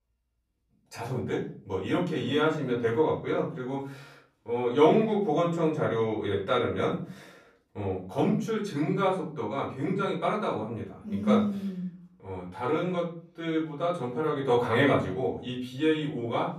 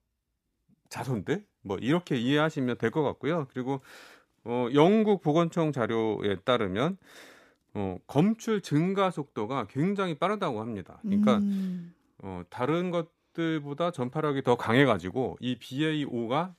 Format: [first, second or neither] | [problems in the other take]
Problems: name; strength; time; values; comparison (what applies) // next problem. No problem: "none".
second | off-mic speech; far // room echo; slight; dies away in 0.4 s